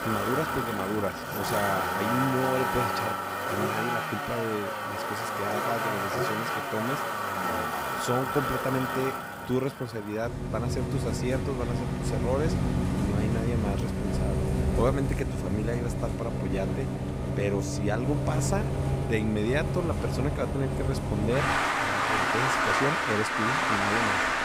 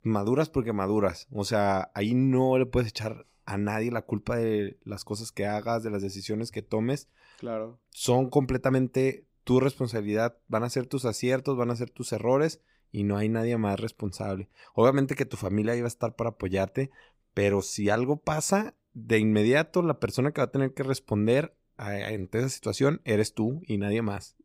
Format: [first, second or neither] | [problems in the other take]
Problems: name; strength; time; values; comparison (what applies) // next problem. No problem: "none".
second | traffic noise; very loud; throughout; 3 dB above the speech